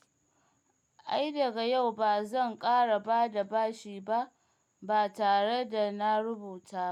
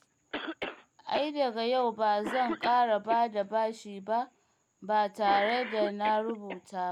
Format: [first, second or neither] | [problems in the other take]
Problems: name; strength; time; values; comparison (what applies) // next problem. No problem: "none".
first | background sound (Cough); 11 dB below the speech